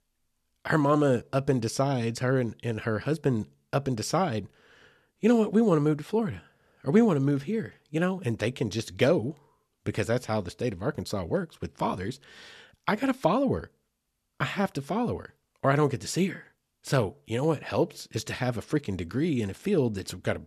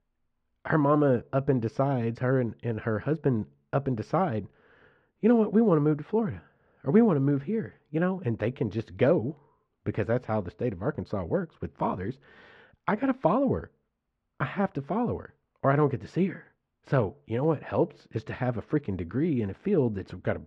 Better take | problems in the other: first | muffled; very; fading above 1.5 kHz

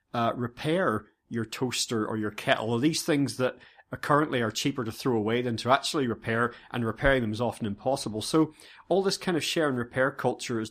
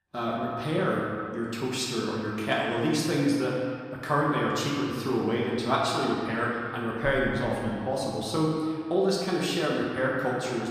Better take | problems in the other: first | room echo; noticeable; dies away in 1.9 s // off-mic speech; far

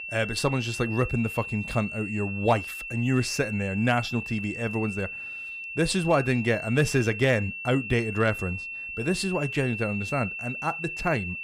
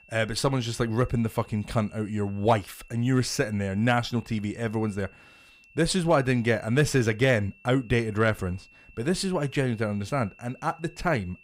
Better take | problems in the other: second | high-pitched whine; loud; throughout; 2.5 kHz, 7 dB below the speech; faint in the second

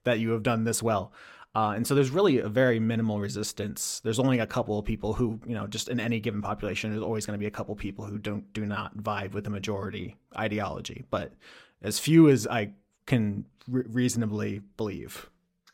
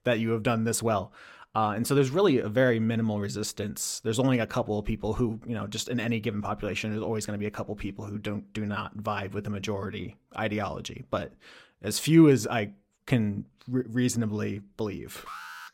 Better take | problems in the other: first | alarm; faint; at 15 s; peak 10 dB below the speech

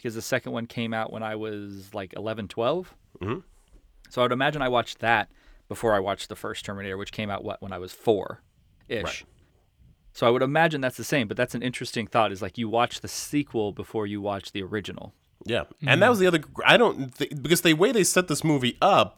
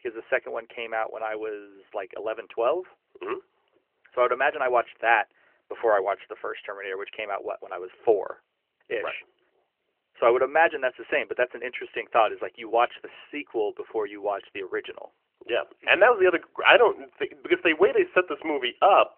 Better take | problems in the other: first | phone-call audio; nothing above 3 kHz

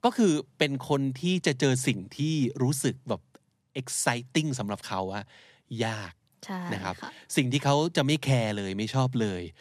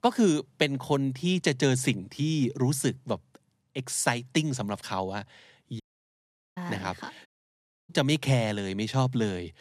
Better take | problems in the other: first | audio cutting out; at 6 s for 1 s and at 7.5 s for 0.5 s

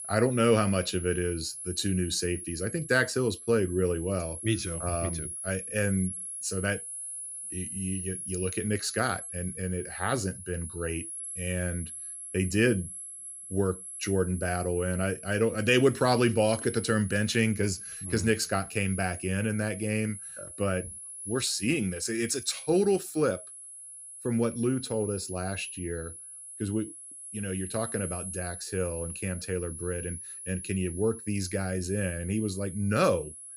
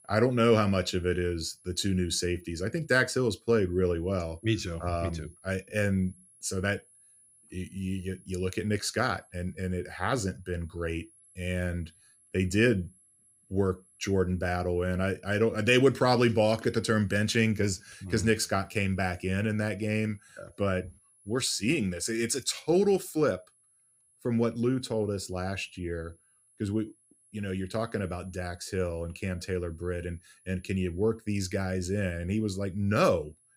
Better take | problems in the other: second | high-pitched whine; loud; throughout; 10.5 kHz, 9 dB below the speech; faint in the second

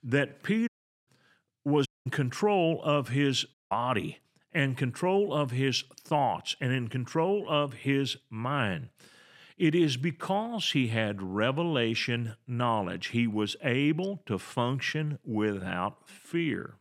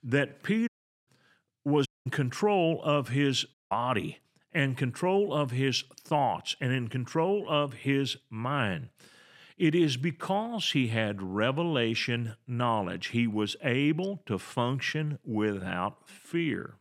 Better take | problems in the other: neither | audio cutting out; at 0.5 s, at 2 s and at 3.5 s; the same in both

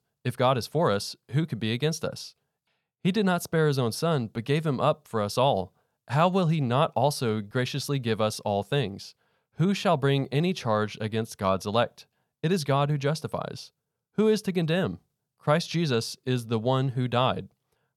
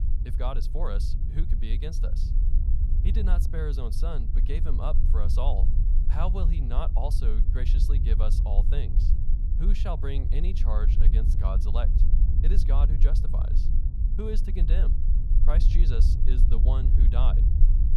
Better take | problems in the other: first | low rumble; loud; throughout; 6 dB below the speech

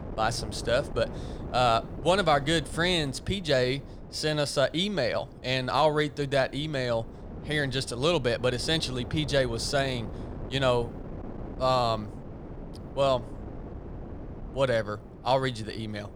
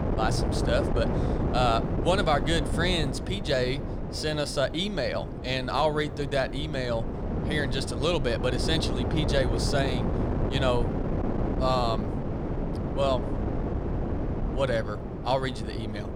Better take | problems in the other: first | wind noise on the microphone; heavy; 7 dB below the speech; occasional gusts in the first

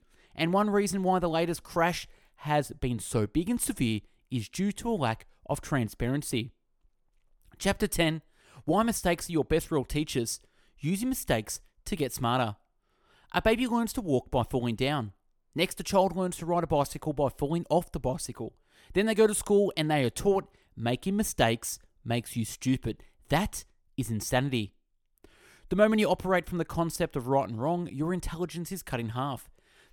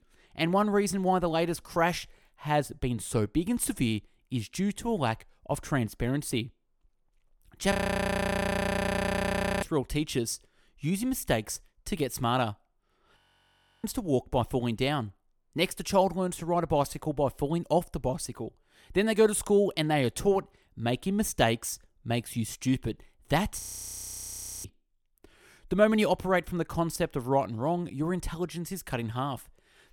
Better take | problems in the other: first | audio freezing; at 7.5 s for 2 s, at 13 s for 0.5 s and at 24 s for 1 s

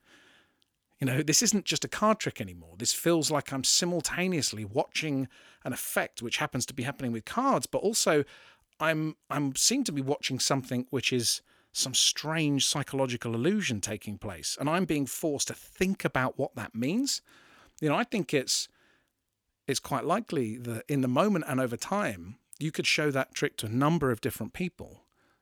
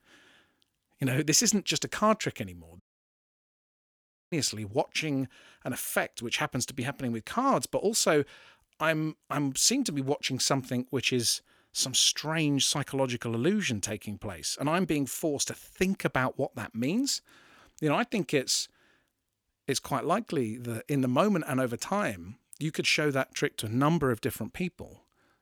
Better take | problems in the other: first | audio cutting out; at 3 s for 1.5 s

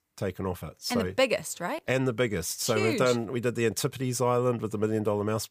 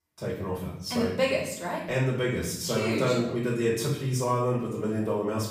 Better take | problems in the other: first | off-mic speech; far // room echo; noticeable; dies away in 0.8 s

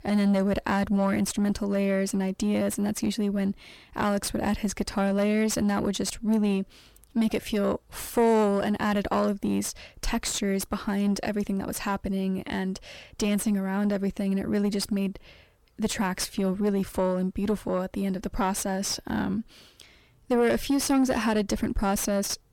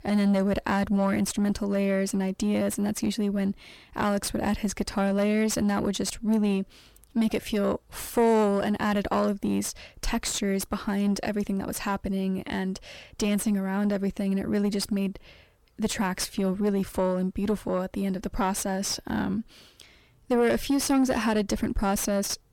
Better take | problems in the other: neither | distortion; slight; 10 dB below the speech; the same in both

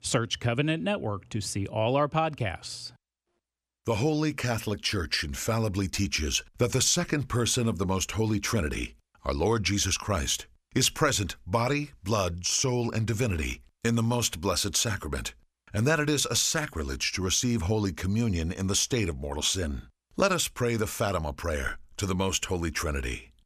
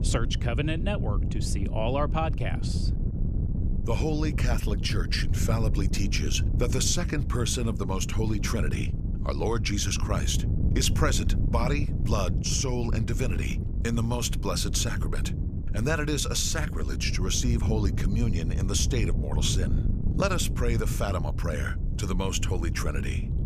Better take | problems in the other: first | wind noise on the microphone; occasional gusts; 10 dB below the speech

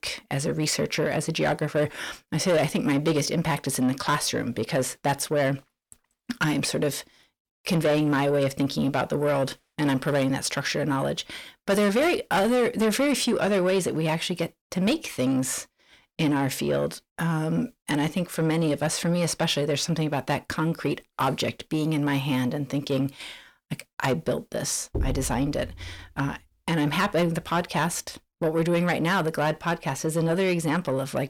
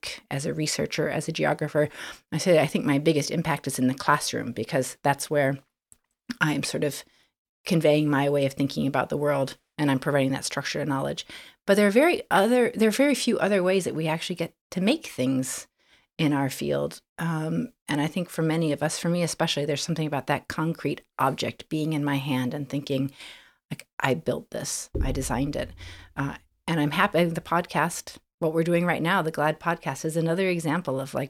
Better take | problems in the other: second | distortion; slight; 10 dB below the speech

